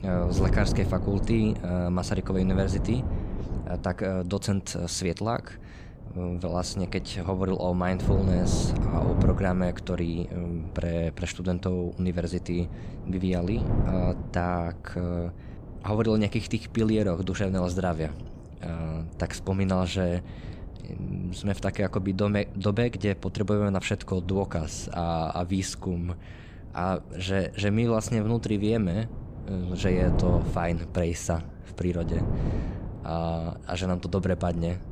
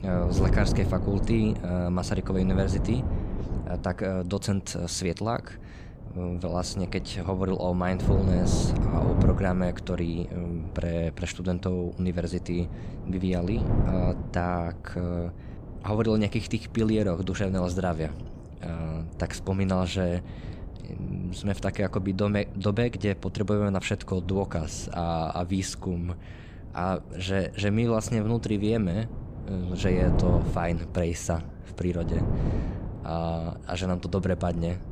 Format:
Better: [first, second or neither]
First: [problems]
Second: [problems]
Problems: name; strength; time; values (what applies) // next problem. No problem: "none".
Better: first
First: wind noise on the microphone; occasional gusts; 10 dB below the speech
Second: wind noise on the microphone; heavy; 9 dB below the speech